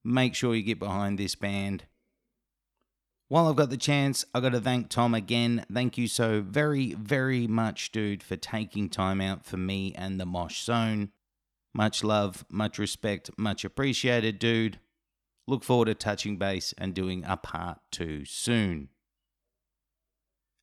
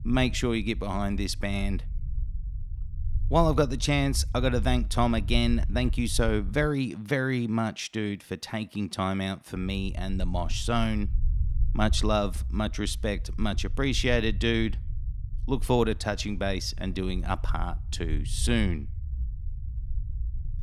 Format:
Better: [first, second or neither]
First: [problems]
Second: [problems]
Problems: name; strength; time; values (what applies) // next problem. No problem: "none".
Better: first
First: none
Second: low rumble; faint; until 6.5 s and from 9.5 s on; 25 dB below the speech